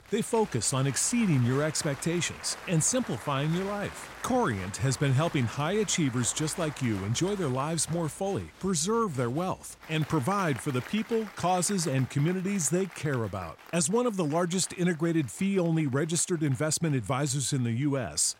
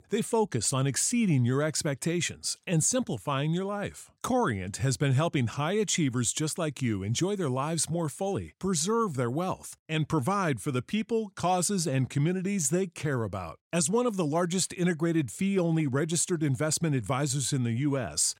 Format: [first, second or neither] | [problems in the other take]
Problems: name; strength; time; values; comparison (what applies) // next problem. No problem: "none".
second | crowd noise; noticeable; throughout; 15 dB below the speech